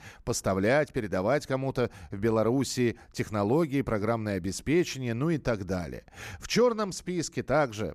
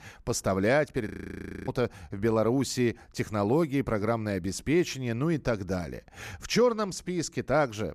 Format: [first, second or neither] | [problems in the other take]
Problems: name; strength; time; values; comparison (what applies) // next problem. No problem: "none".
first | audio freezing; at 1 s for 0.5 s